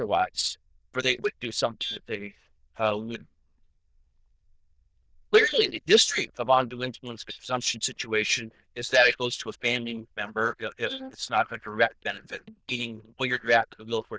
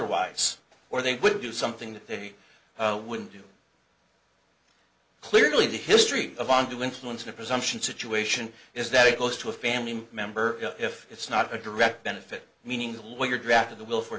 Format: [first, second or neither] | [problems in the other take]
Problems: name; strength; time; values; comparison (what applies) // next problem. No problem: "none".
second | noise reduction (neural diffusion model UNIVERSE++)